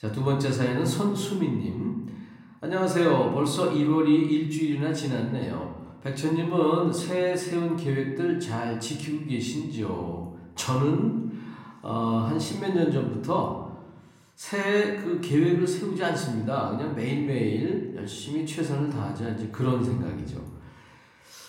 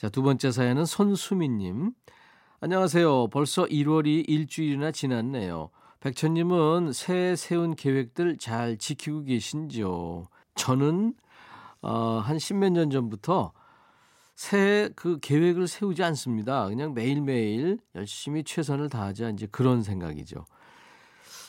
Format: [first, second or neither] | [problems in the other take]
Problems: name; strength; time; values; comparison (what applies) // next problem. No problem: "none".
second | room echo; slight; dies away in 0.8 s // off-mic speech; somewhat distant